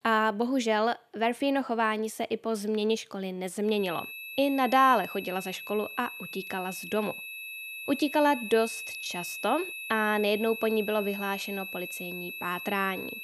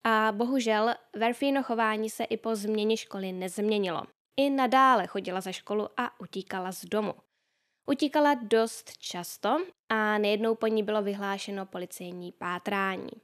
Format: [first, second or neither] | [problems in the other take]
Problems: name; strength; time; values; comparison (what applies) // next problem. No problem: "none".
second | high-pitched whine; loud; from 4 s on; 2.5 kHz, 8 dB below the speech